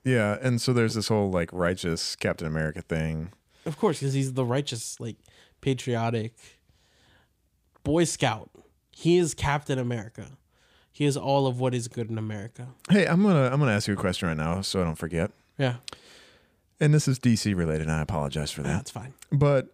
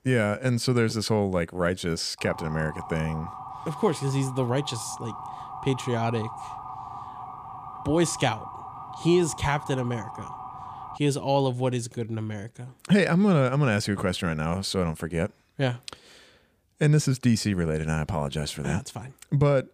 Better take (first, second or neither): first